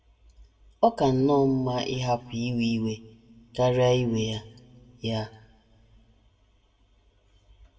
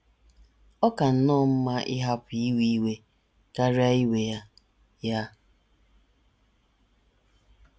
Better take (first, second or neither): second